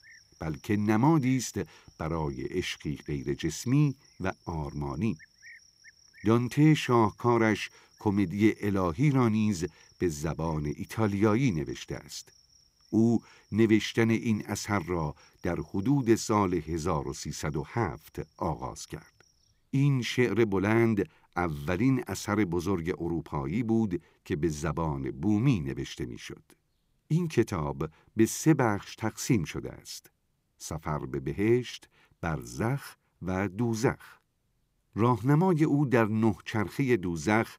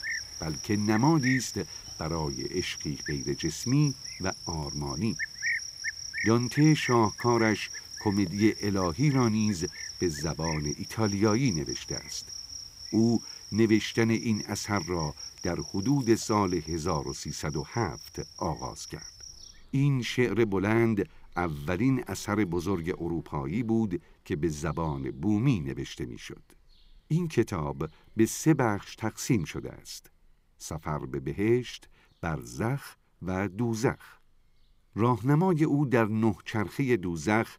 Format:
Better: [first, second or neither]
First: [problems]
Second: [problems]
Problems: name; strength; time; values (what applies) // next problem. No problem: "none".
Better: first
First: animal sounds; faint; throughout; 30 dB below the speech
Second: animal sounds; loud; throughout; 8 dB below the speech